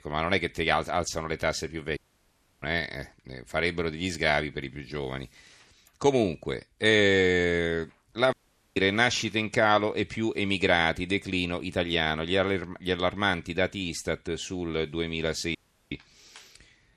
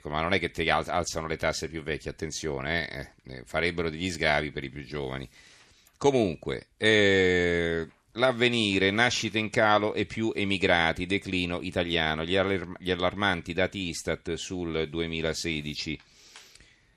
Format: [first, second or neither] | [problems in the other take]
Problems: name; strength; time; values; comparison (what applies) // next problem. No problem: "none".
second | audio cutting out; at 2 s for 0.5 s, at 8.5 s and at 16 s